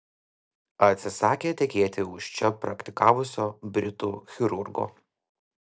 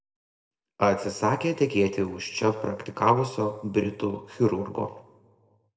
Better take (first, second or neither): first